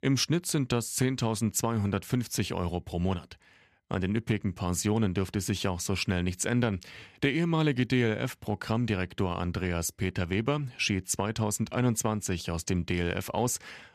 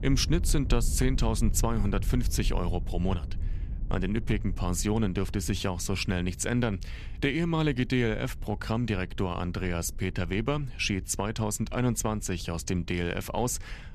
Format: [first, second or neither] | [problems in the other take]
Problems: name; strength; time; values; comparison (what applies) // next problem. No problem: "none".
first | low rumble; faint; throughout; 20 dB below the speech